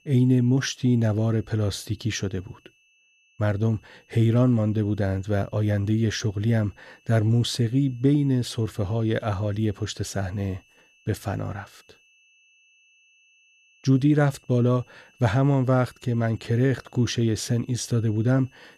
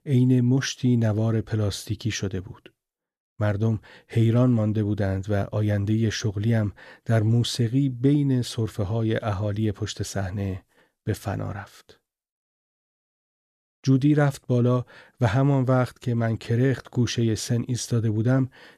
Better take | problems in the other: second | high-pitched whine; faint; throughout; 2.5 kHz, 35 dB below the speech

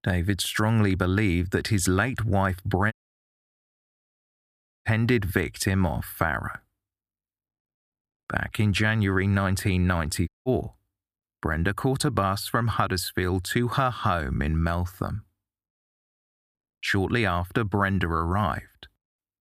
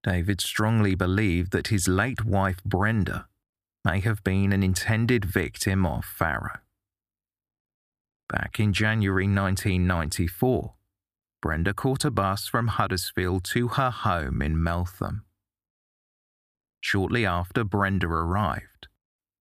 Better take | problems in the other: second | audio cutting out; at 3 s for 2 s and at 10 s

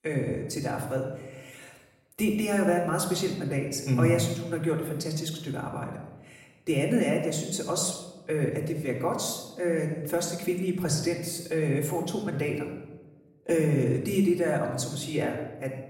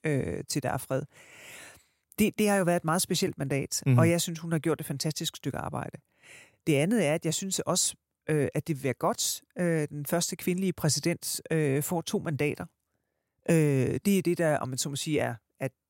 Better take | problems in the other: second | off-mic speech; far // room echo; noticeable; dies away in 0.9 s

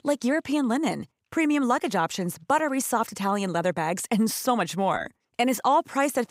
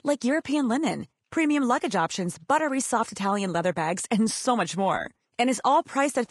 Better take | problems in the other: first | garbled, watery; slightly; nothing above 10.5 kHz

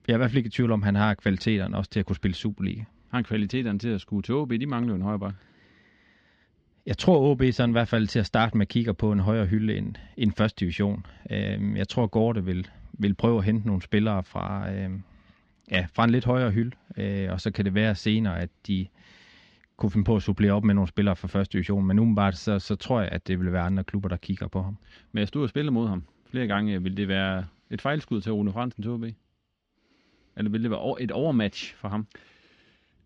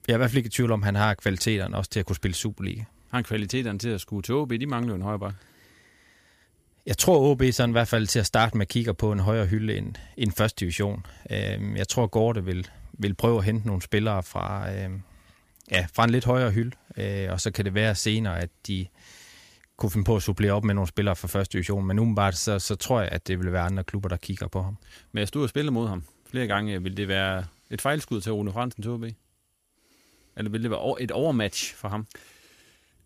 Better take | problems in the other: second | muffled; slightly; fading above 4.5 kHz

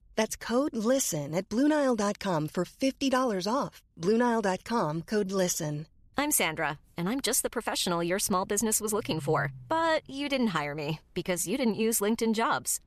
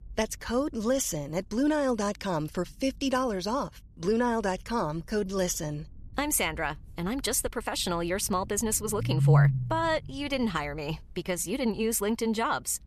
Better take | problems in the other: first | low rumble; loud; throughout; 7 dB below the speech; faint in the first

